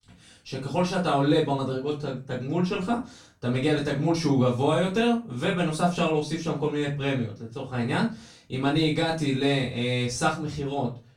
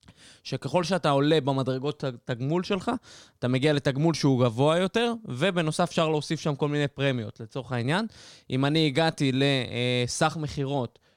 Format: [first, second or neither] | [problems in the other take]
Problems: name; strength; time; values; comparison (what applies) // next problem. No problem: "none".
second | room echo; slight; dies away in 0.3 s // off-mic speech; far